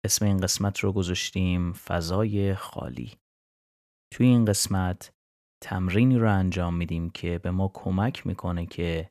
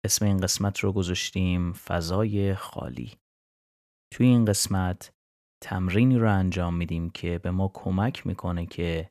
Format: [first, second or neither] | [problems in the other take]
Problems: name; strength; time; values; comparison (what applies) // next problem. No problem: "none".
neither | none